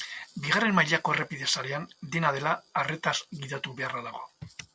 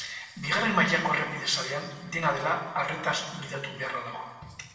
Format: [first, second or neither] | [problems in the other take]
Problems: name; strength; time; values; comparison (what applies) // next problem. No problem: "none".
first | room echo; dies away in 1.2 s